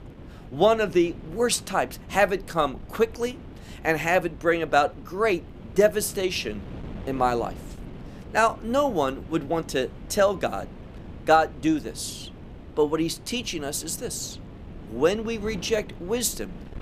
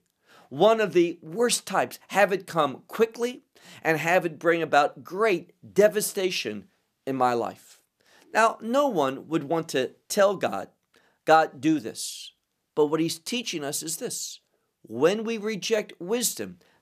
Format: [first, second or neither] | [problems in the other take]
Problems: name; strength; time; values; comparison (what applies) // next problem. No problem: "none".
second | wind noise on the microphone; occasional gusts; 25 dB below the speech